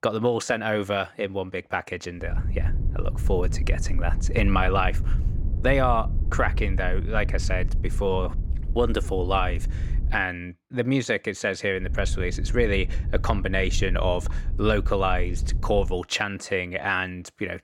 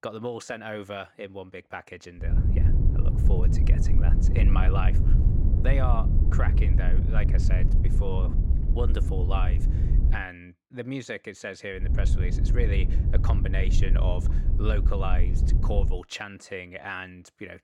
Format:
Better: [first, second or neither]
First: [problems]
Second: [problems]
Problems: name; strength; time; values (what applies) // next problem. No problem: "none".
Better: first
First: wind noise on the microphone; occasional gusts; from 2.5 to 10 s and from 12 to 16 s; 20 dB below the speech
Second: wind noise on the microphone; heavy; from 2.5 to 10 s and from 12 to 16 s; 5 dB below the speech